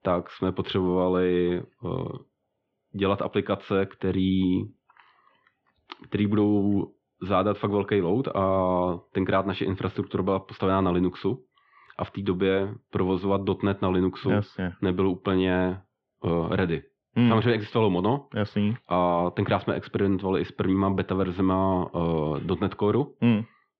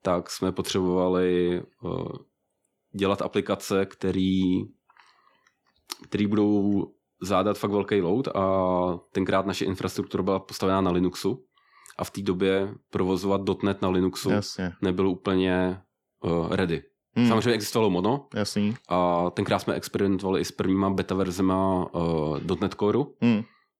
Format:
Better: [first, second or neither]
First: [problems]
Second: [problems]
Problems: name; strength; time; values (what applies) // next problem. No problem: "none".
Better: second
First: muffled; very; fading above 3.5 kHz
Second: none